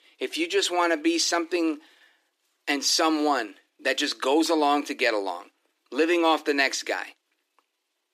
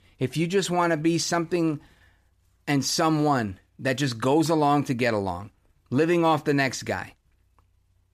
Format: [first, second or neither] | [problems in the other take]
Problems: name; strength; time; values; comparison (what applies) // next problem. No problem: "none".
second | thin; somewhat; fading below 300 Hz